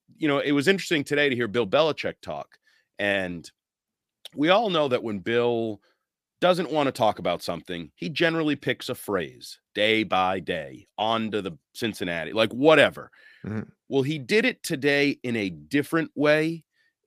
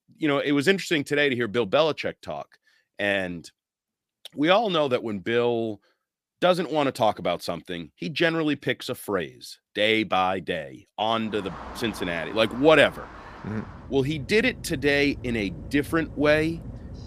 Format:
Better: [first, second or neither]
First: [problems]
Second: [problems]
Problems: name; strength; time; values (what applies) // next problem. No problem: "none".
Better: first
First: none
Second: traffic noise; noticeable; from 11 s on; 15 dB below the speech